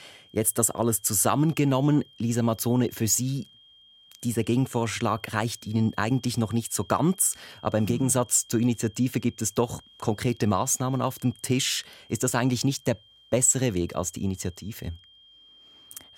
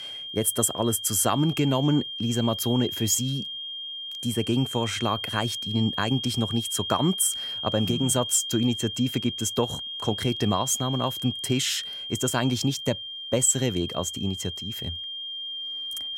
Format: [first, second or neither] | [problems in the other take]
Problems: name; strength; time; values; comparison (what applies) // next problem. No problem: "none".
first | high-pitched whine; loud; throughout; 3 kHz, 6 dB below the speech; faint in the first